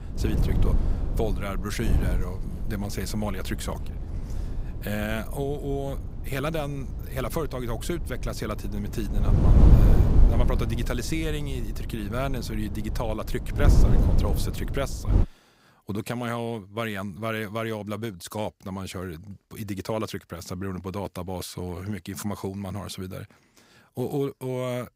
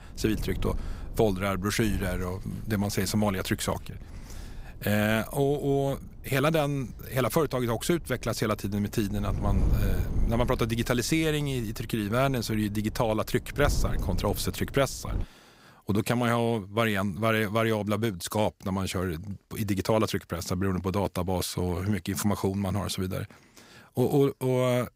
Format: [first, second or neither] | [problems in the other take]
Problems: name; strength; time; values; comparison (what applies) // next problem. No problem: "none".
second | wind noise on the microphone; heavy; until 15 s; 5 dB below the speech; occasional gusts in the second